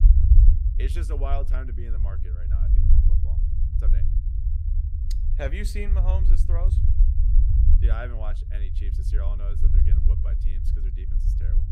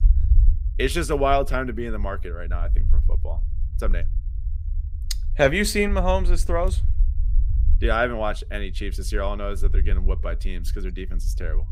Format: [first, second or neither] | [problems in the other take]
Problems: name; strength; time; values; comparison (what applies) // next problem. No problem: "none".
second | low rumble; loud; throughout; 4 dB below the speech; faint in the second